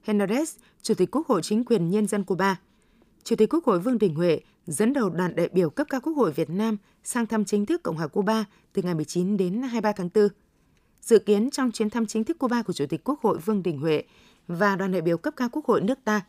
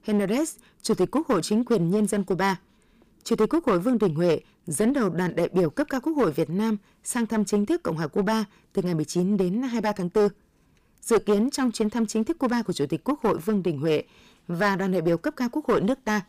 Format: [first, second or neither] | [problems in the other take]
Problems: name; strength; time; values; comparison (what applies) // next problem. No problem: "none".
first | distortion; slight; 7% of the sound clipped